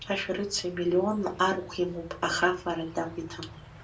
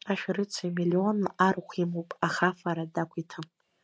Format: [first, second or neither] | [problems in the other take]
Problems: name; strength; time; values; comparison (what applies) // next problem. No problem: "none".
second | background sound (Insect); 19 dB below the speech // room echo; dies away in 0.2 s